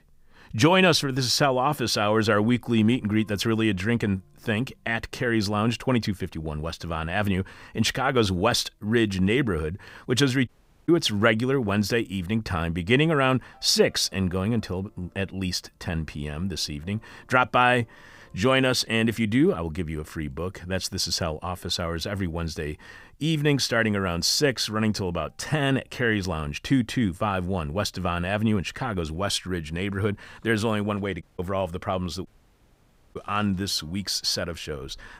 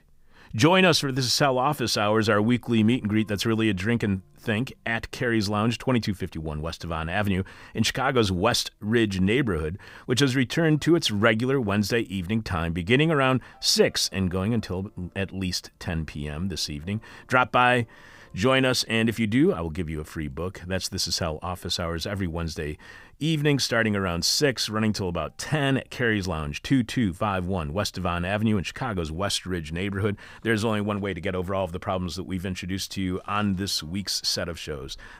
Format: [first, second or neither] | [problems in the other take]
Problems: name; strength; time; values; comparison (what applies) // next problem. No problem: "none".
second | audio cutting out; at 10 s, at 31 s and at 32 s for 1 s